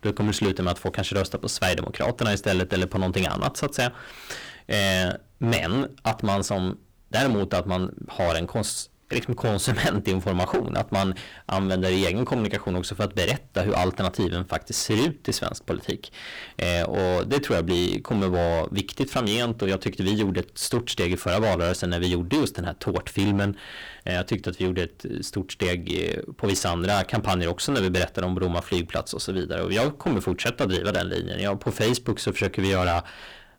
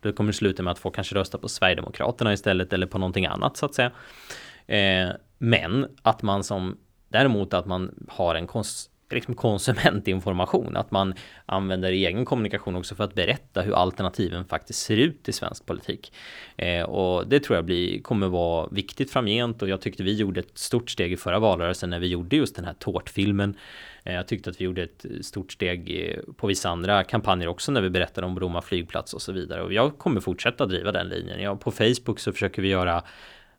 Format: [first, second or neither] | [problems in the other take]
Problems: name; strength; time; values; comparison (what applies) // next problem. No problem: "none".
second | distortion; heavy; 15% of the sound clipped